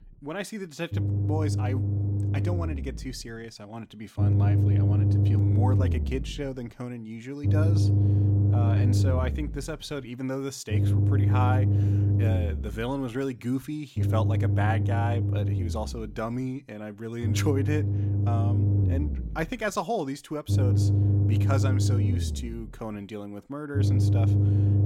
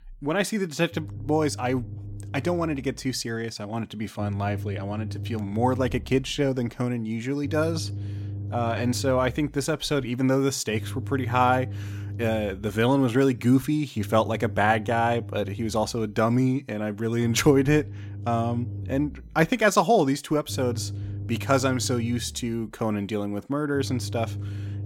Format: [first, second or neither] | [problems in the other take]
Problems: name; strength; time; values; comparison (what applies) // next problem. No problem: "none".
second | low rumble; loud; throughout; 2 dB below the speech; faint in the second